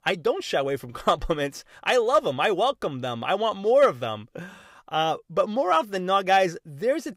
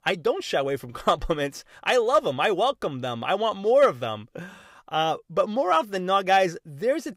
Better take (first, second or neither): neither